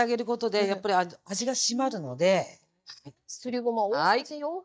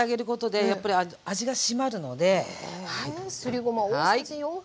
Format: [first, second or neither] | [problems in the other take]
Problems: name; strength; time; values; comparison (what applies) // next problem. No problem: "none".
second | noise reduction (neural mask model DeepFilterNet 3)